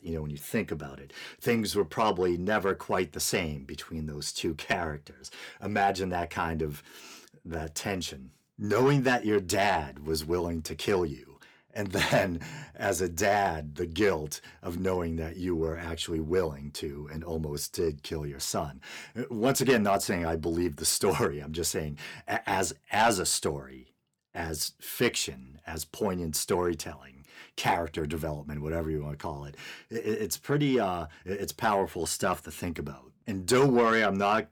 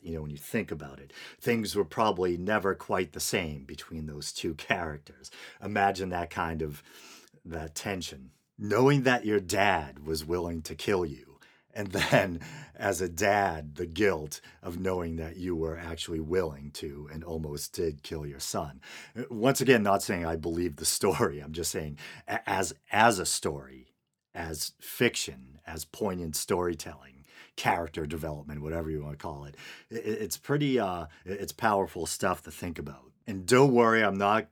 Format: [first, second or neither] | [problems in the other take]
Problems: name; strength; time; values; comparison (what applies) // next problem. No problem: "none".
second | distortion; slight; 10 dB below the speech